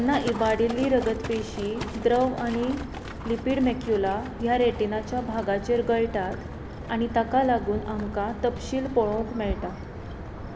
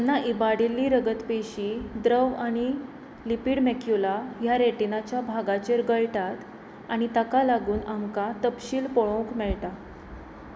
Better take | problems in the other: second | background sound (Livestock, farm animals, working animals); 10 dB below the speech

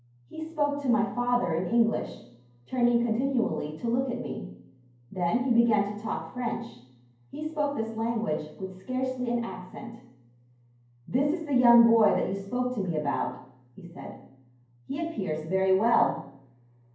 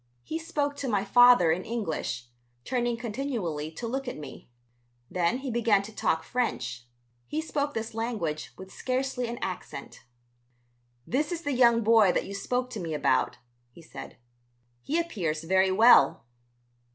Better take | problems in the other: second | room echo; dies away in 0.9 s

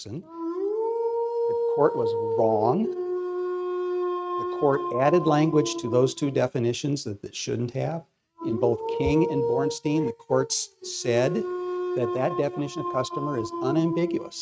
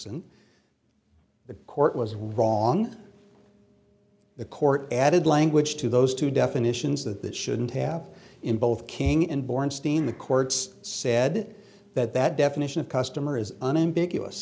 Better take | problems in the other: second | noise reduction (neural mask model RNNoise)

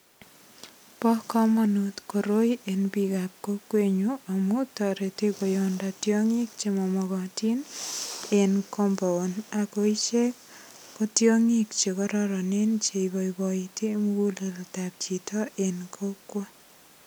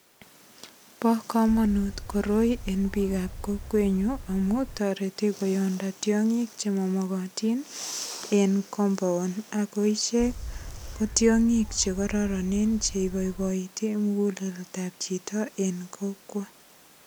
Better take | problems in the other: first | background sound (Gull, seagull / Wind); 11 dB below the speech

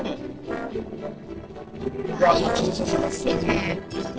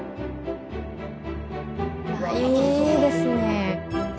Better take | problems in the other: second | noise reduction (neural separator model SepFormer DNS4)

